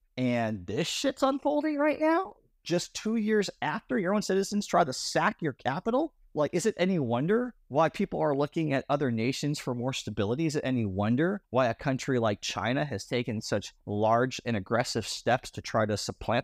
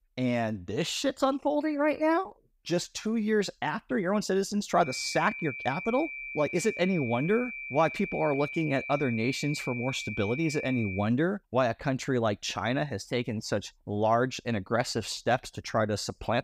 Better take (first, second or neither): first